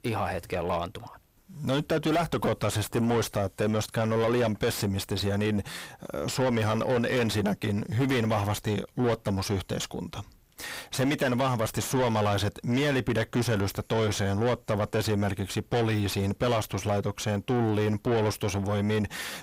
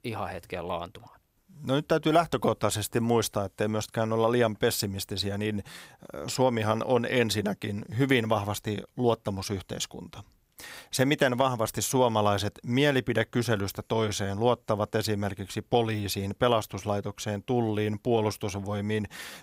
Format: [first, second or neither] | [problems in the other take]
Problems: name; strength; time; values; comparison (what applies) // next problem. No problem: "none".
second | distortion; heavy; 6 dB below the speech